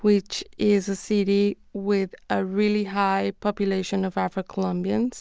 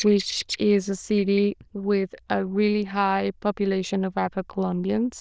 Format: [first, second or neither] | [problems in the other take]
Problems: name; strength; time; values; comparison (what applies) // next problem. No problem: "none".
first | noise reduction (neural diffusion model UNIVERSE++)